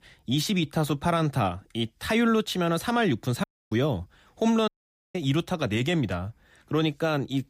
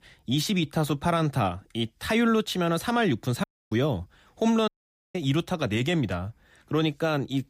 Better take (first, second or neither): neither